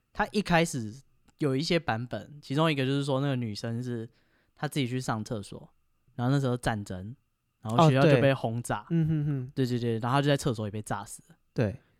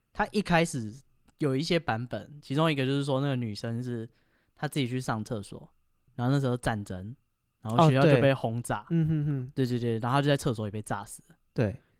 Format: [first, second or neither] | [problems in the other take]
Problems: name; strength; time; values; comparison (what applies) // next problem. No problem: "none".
first | garbled, watery; slightly